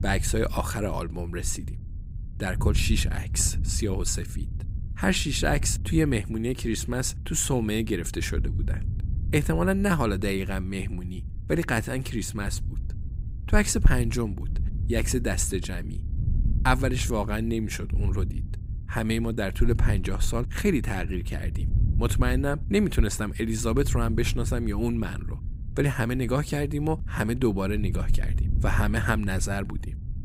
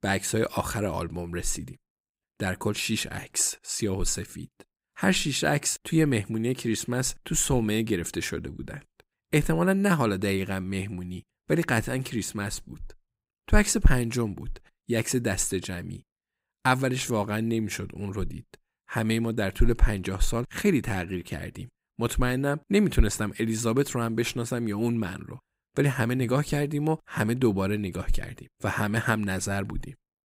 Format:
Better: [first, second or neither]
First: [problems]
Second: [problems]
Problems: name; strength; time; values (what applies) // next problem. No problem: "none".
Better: second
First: wind noise on the microphone; occasional gusts; 15 dB below the speech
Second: none